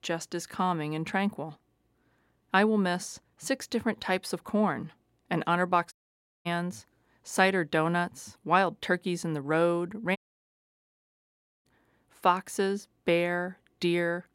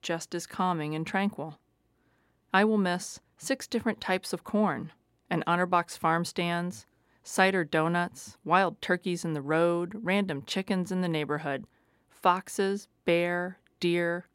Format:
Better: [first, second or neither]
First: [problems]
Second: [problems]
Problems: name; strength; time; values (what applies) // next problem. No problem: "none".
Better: second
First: audio cutting out; at 6 s for 0.5 s and at 10 s for 1.5 s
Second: none